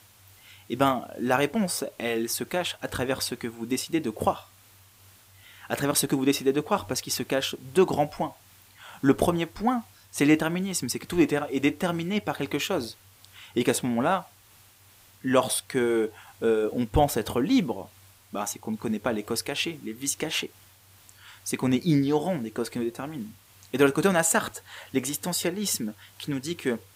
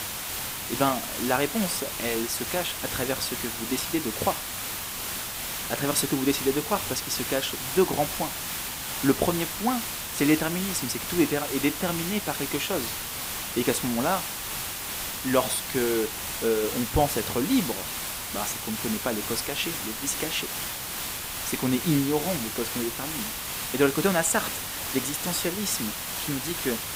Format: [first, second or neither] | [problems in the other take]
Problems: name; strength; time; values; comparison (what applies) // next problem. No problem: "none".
first | hiss; loud; throughout; 2 dB below the speech; faint in the first